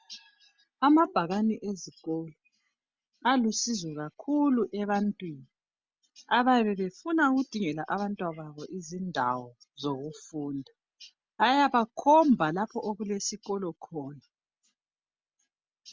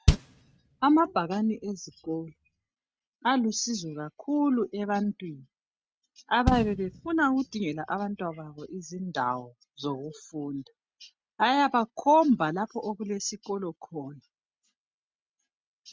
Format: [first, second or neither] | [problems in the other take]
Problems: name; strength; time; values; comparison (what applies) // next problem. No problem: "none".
first | noise reduction (neural mask model RNNoise)